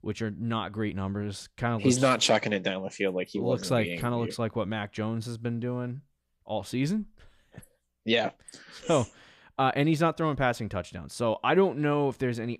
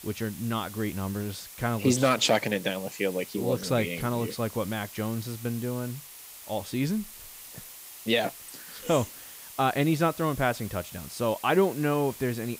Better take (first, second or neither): first